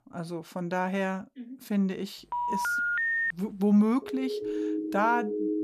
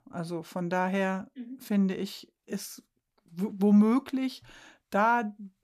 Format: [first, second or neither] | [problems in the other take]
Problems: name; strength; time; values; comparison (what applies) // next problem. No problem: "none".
second | phone ringing; loud; at 2.5 s; peak 3 dB above the speech // siren; noticeable; from 4 s on; peak 1 dB below the speech